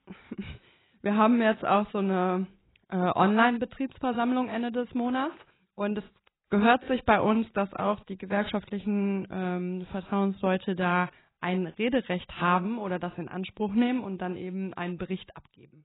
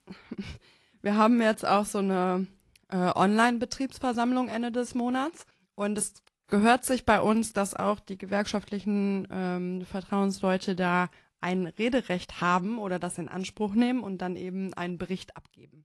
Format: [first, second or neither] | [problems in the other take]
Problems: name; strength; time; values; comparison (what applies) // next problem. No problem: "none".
second | garbled, watery; badly; nothing above 4 kHz; slightly in the second